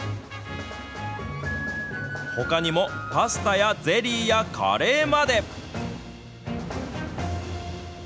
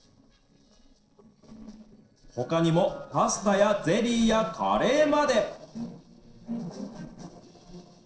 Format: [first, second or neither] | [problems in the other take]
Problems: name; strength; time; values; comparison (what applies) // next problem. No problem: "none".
first | noise reduction (neural separator model SepFormer DNS4)